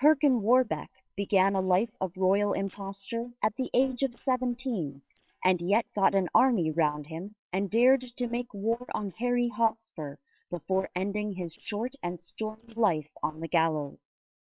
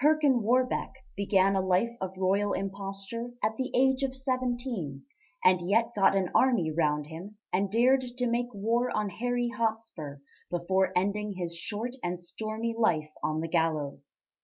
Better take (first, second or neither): second